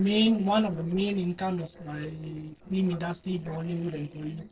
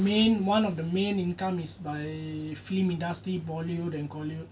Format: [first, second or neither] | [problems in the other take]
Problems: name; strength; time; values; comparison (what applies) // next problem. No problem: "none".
second | noise reduction (neural separator model SepFormer DNS4)